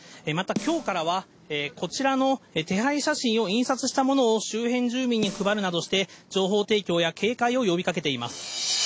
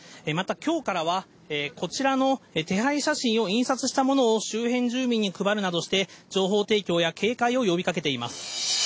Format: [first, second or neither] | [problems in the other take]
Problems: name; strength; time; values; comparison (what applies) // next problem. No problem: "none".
second | background sound (Snare drum); 15 dB below the speech